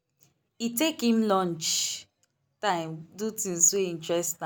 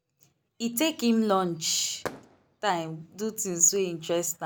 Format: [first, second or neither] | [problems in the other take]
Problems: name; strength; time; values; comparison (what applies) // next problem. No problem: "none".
first | background sound (Fireworks); 18 dB below the speech